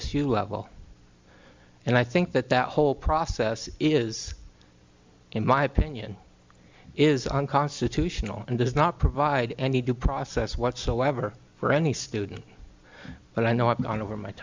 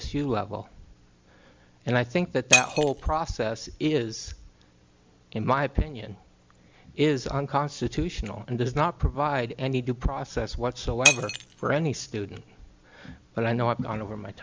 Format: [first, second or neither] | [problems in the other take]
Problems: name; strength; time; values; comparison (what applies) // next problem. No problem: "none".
first | background sound (Shatter); 2 dB below the speech